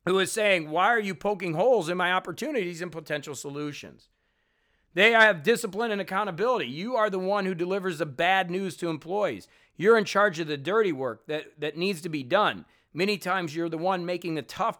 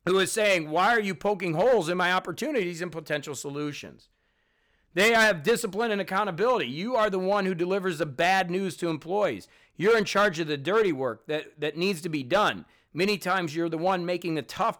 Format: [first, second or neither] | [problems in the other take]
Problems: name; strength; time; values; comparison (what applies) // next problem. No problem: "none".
first | distortion; slight; 4% of the sound clipped